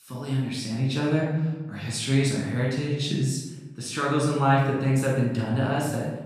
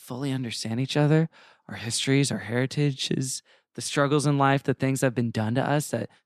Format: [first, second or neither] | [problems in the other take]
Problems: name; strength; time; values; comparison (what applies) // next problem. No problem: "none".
second | off-mic speech; far // room echo; noticeable; dies away in 0.9 s